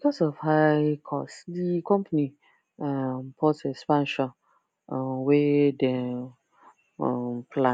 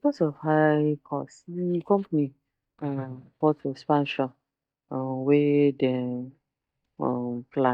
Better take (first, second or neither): first